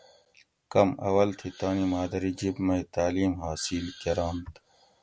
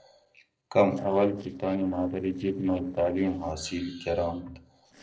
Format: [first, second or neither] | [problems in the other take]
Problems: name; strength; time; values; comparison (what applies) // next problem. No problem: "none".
first | noise reduction (neural separator model SepFormer DNS4)